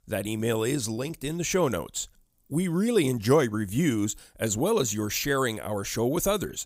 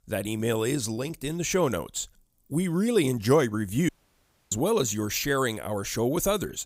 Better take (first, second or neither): first